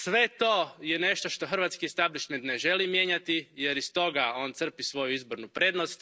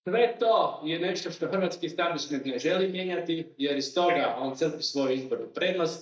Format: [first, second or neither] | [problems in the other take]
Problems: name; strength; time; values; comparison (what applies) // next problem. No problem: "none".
first | noise reduction (neural mask model DeepFilterNet 3)